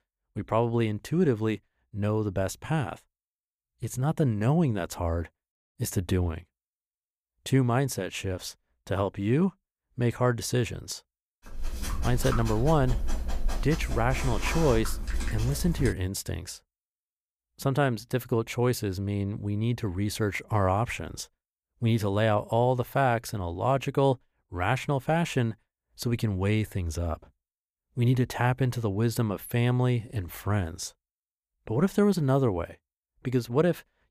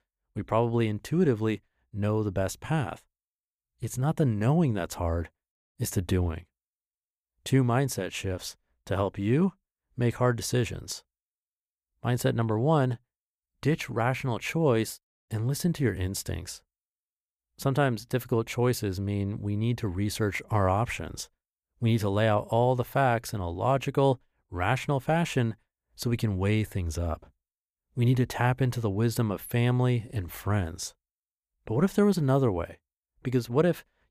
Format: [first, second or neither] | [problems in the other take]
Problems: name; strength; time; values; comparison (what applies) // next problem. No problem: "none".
second | dog barking; noticeable; from 12 to 16 s; peak 4 dB below the speech